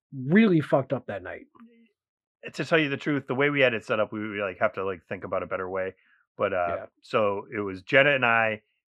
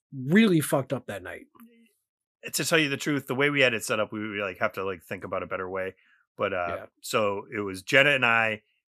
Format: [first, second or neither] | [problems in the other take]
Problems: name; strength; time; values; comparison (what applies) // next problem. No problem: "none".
second | muffled; very; fading above 2.5 kHz